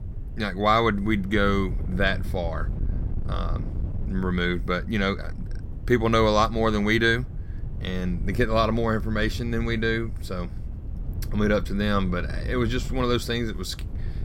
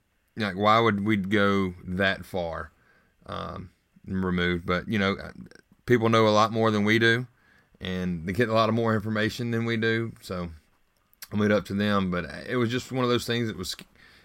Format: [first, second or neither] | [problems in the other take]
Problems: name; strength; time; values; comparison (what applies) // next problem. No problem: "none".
second | wind noise on the microphone; occasional gusts; 20 dB below the speech